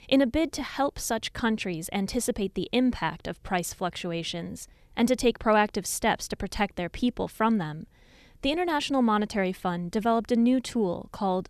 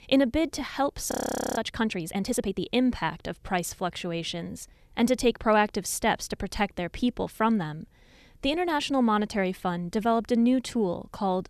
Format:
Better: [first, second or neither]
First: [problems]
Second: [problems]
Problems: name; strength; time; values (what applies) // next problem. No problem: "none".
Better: first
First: none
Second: audio freezing; at 1 s